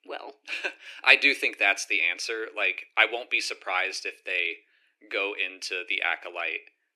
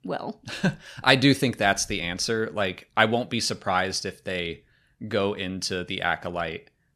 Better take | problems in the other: second | thin; very; fading below 300 Hz

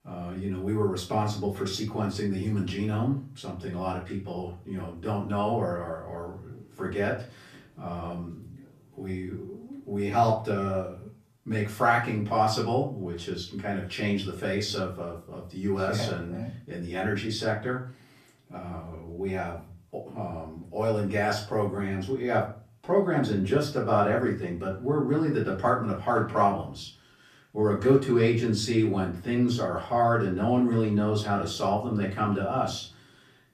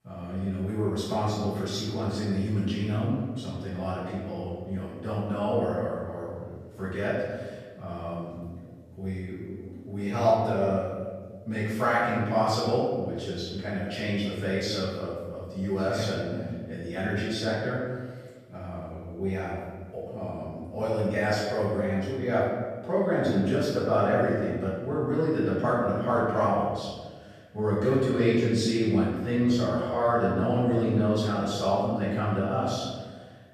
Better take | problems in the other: first | room echo; strong; dies away in 1.4 s; slight in the first // off-mic speech; far; far in the first

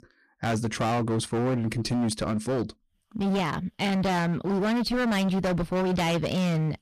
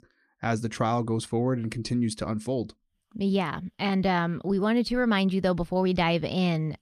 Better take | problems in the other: second | distortion; heavy; 28% of the sound clipped

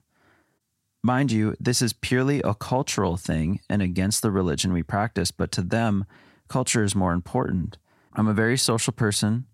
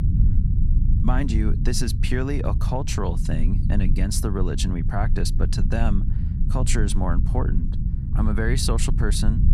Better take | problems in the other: first | low rumble; loud; throughout; 9 dB below the speech

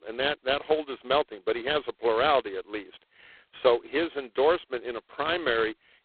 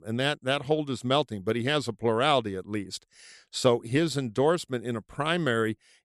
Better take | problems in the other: second | phone-call audio; poor line; nothing above 4 kHz

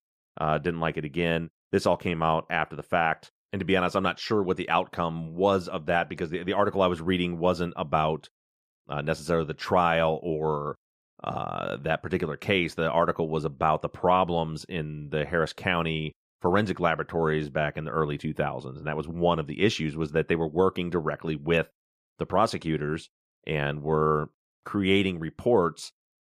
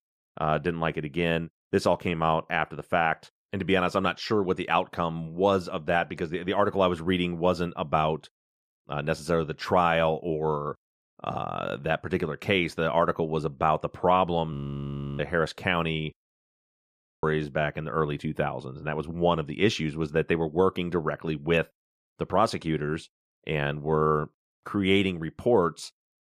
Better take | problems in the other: first | audio freezing; at 15 s for 0.5 s and at 16 s for 1 s

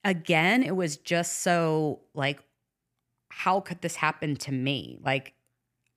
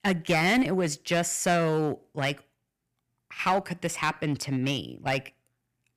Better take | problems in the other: first | distortion; slight; 4% of the sound clipped

